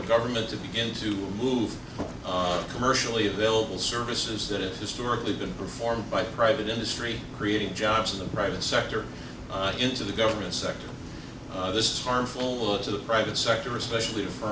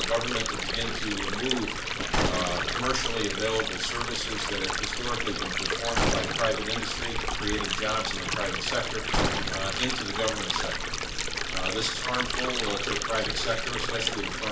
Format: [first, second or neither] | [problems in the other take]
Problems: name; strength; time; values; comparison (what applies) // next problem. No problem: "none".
first | background sound (Stream + Gunshot, gunfire); 3 dB above the speech